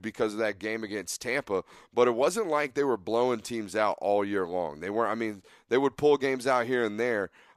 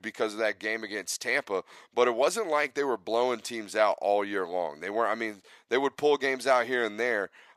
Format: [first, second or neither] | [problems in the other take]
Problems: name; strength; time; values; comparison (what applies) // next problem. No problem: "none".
first | thin; very slightly; fading below 400 Hz